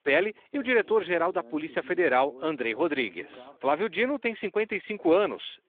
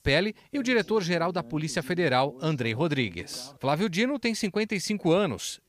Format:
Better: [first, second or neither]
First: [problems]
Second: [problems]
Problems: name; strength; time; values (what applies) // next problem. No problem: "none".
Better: second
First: phone-call audio; nothing above 3.5 kHz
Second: none